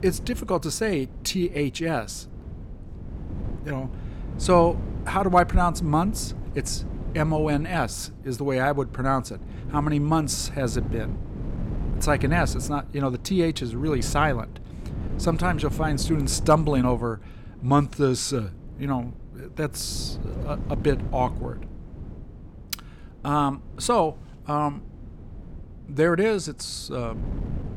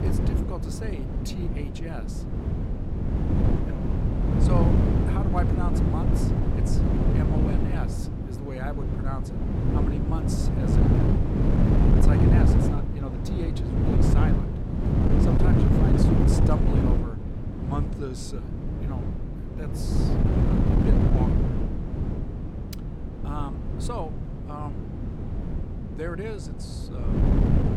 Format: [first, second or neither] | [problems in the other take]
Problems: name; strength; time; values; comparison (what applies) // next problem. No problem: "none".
first | wind noise on the microphone; heavy; 5 dB above the speech; occasional gusts in the first